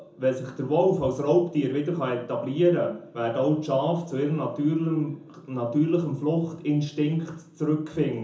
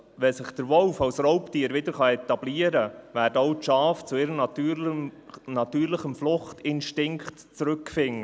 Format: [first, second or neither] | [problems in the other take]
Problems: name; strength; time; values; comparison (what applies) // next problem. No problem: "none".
second | room echo; dies away in 0.6 s